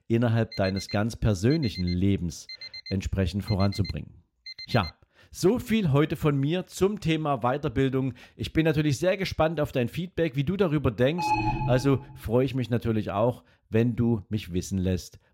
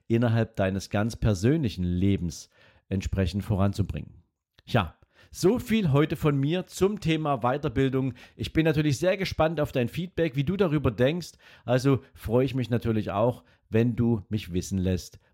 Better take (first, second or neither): second